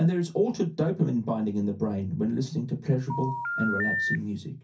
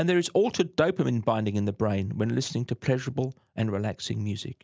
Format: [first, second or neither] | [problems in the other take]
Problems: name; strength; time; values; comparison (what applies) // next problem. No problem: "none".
second | background sound (Telephone); 3 dB below the speech // room echo; dies away in 0.3 s